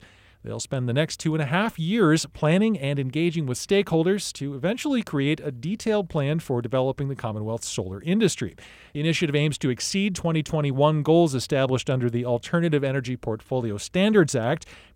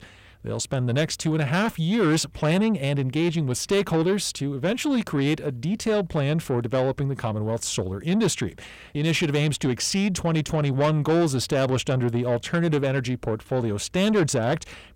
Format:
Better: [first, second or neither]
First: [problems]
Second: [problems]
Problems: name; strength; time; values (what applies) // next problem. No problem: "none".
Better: first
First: none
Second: distortion; slight; 10 dB below the speech